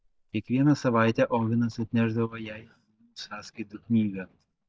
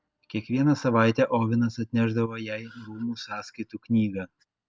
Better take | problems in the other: second | noise reduction (neural mask model DeepFilterNet 3)

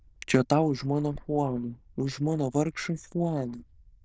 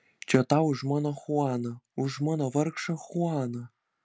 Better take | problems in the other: second | noise reduction (neural diffusion model UNIVERSE++)

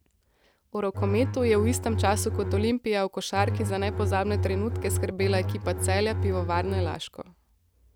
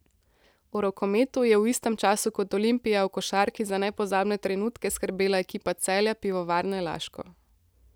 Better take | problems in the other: second | background sound (Bowed string instrument); as loud as the speech

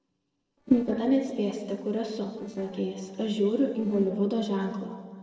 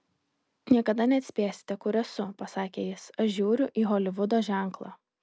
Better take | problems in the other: second | noise reduction (neural separator model SepFormer DNS4)

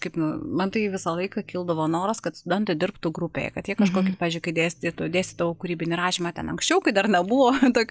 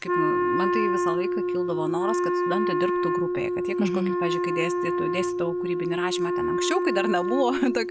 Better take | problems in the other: first | background sound (Wind instrument, woodwind instrument); 4 dB above the speech

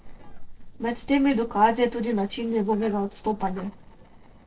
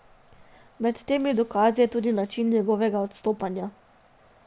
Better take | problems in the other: second | noise reduction (neural separator model SepFormer DNS4)

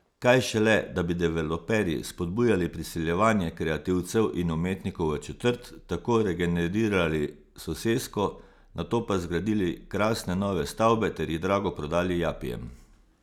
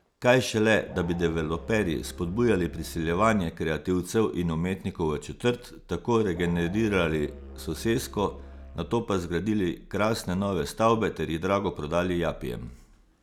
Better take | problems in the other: first | background sound (Musical instrument); 17 dB below the speech

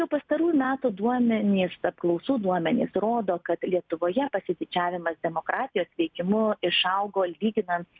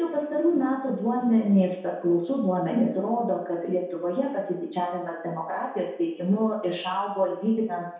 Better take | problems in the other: first | room echo; dies away in 0.7 s

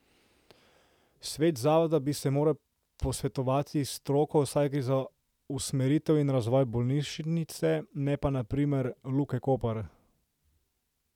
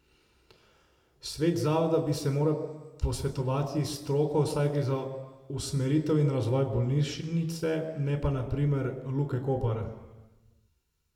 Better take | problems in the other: first | room echo; dies away in 1.1 s

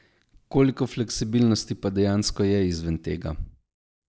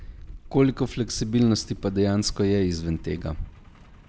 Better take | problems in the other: first | background sound (Truck); 17 dB below the speech

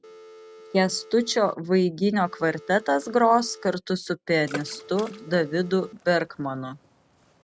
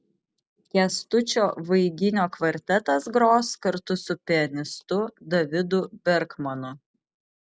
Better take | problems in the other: second | background sound (Telephone + Water / Splash, splatter); 19 dB below the speech

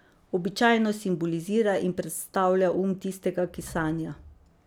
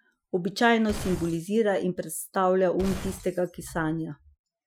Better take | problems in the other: first | noise reduction (classical method Wiener filter)

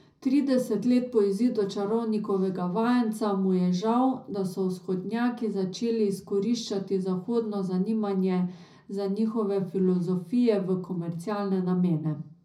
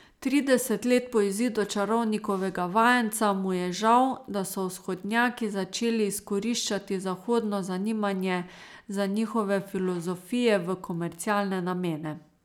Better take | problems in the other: second | room echo; dies away in 0.4 s

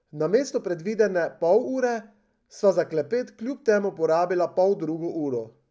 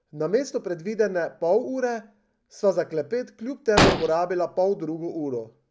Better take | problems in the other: first | background sound (Explosion); 3 dB above the speech

